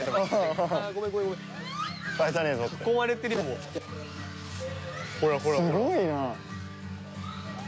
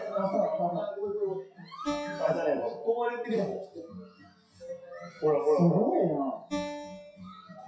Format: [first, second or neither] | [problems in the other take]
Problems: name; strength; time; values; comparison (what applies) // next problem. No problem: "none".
first | noise reduction (classical method WPE with log-MMSE)